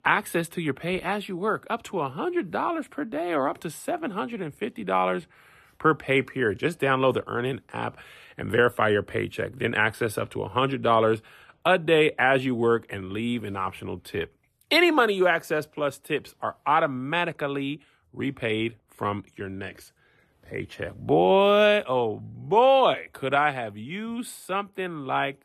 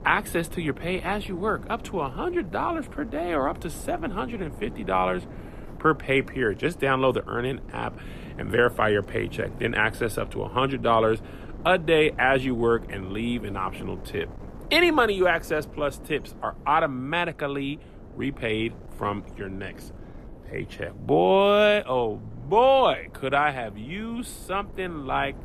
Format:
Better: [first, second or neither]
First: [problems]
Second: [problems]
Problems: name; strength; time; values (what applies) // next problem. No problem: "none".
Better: first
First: none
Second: wind noise on the microphone; occasional gusts; 25 dB below the speech